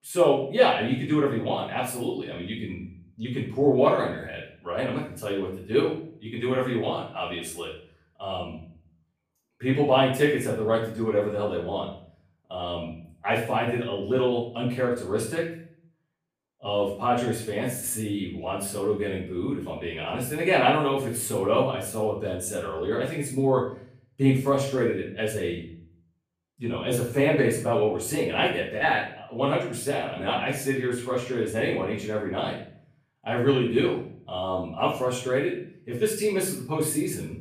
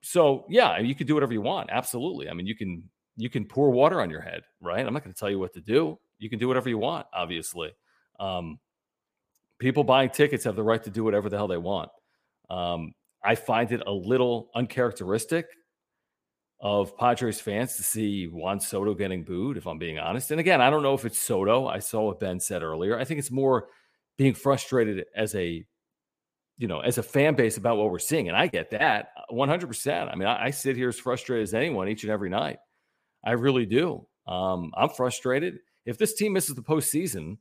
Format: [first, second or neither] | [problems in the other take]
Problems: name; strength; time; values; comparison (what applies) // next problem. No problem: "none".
second | off-mic speech; far // room echo; noticeable; dies away in 0.5 s